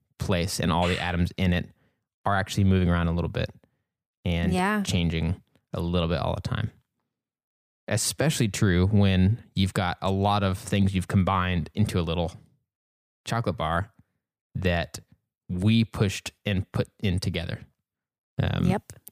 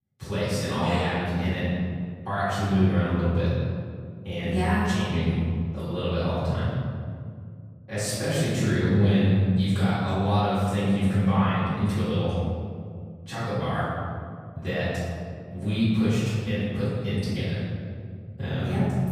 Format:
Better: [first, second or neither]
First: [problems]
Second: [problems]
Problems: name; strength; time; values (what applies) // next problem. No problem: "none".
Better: first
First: none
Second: off-mic speech; far // room echo; strong; dies away in 2.2 s